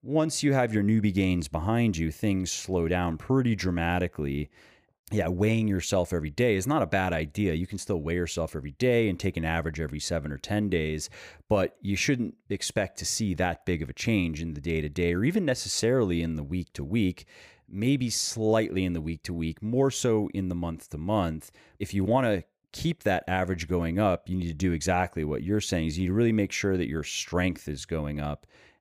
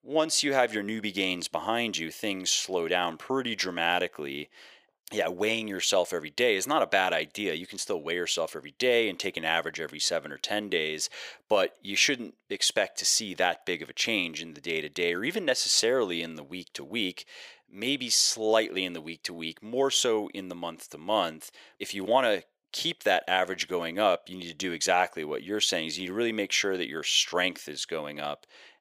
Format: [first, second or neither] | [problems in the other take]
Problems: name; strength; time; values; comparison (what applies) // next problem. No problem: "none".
first | thin; somewhat; fading below 500 Hz